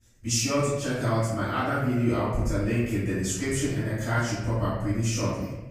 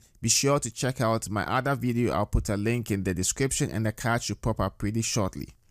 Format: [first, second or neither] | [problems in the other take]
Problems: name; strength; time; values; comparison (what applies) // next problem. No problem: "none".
second | off-mic speech; far // room echo; noticeable; dies away in 1 s